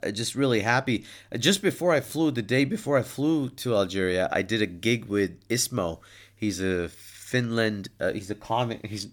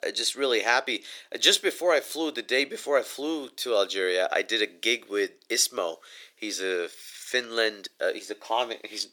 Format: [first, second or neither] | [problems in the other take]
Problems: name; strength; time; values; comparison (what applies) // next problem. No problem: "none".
first | thin; very; fading below 400 Hz